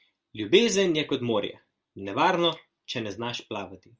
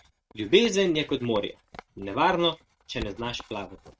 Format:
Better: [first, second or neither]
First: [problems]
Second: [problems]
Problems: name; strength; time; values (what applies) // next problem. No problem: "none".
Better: first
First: none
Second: noise reduction (neural mask model RNNoise)